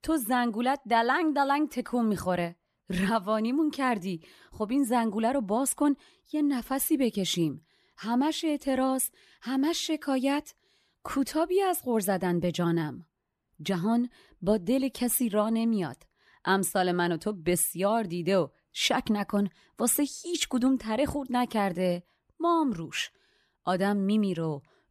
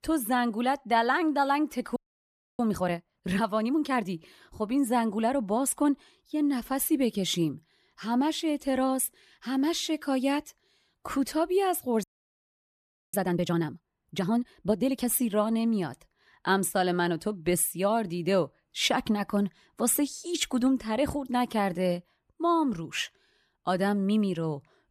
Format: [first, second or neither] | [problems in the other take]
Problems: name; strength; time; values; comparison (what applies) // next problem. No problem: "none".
first | audio freezing; at 2 s for 0.5 s and at 12 s for 1 s